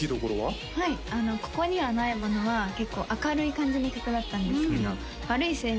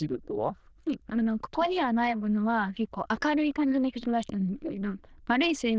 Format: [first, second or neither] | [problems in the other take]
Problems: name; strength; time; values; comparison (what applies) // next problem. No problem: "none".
first | noise reduction (neural diffusion model UNIVERSE++)